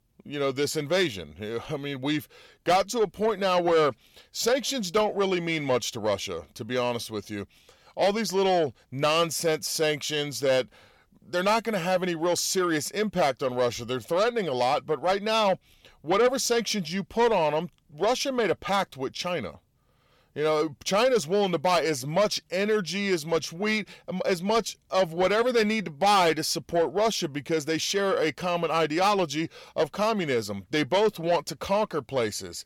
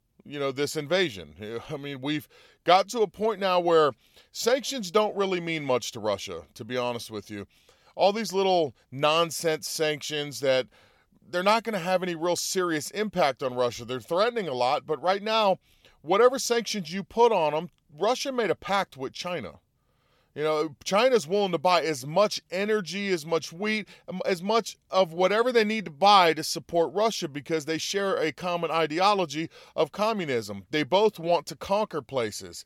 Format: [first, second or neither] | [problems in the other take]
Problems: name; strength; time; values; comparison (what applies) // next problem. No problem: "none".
second | distortion; slight; 10 dB below the speech